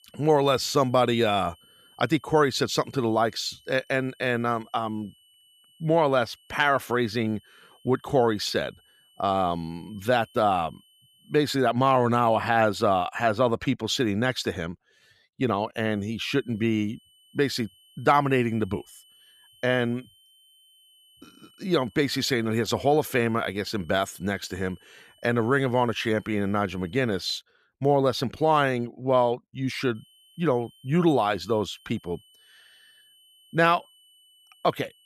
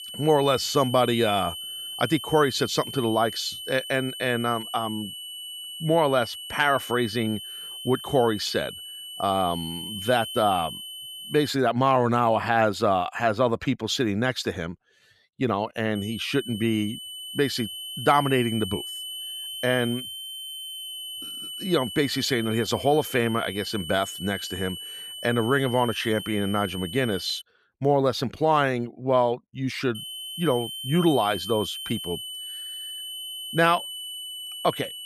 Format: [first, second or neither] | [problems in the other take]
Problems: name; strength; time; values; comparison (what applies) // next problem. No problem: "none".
first | high-pitched whine; loud; until 11 s, from 16 to 27 s and from 30 s on; 3 kHz, 9 dB below the speech; faint in the first